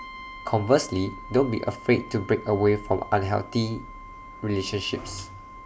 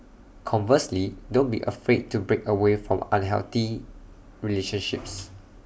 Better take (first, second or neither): second